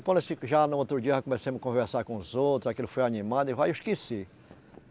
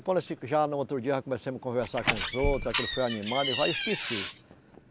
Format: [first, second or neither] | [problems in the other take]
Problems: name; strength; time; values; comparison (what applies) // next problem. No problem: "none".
first | background sound (Door); 2 dB below the speech